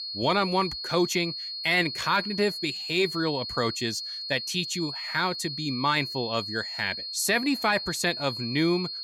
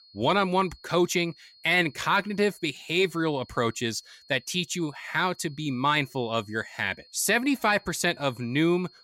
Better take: second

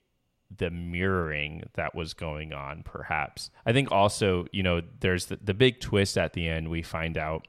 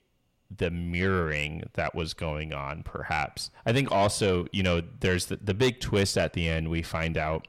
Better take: first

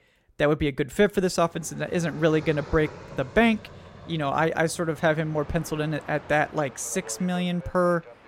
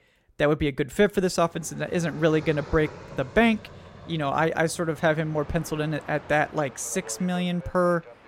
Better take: neither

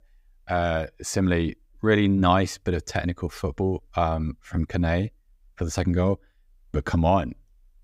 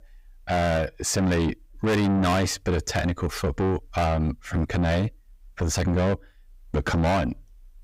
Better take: first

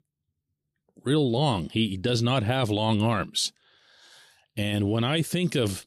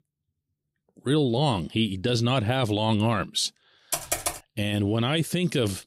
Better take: first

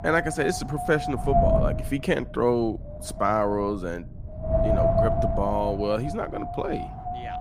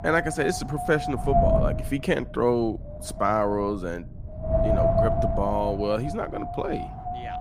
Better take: neither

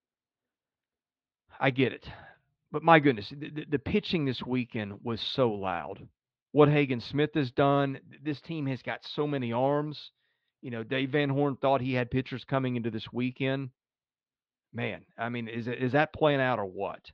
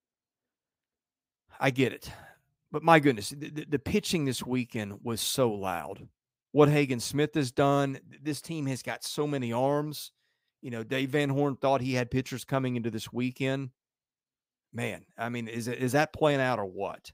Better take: second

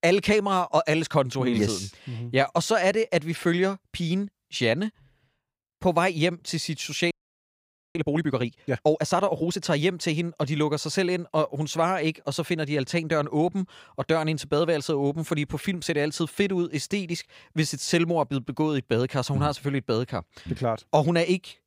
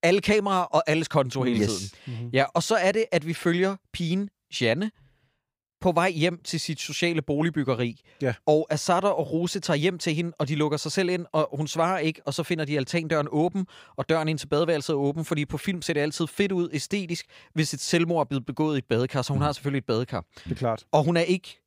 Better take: second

